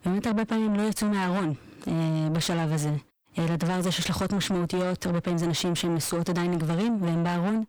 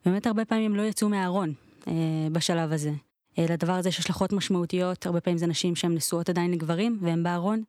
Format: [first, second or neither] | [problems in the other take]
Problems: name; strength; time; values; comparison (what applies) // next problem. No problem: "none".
second | distortion; heavy; 7 dB below the speech